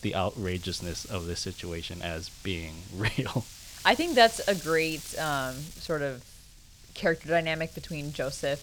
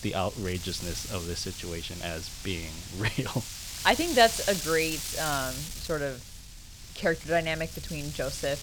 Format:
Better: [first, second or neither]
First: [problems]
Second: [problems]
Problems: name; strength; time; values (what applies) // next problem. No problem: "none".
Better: first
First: wind noise on the microphone; occasional gusts; 15 dB below the speech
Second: wind noise on the microphone; heavy; 9 dB below the speech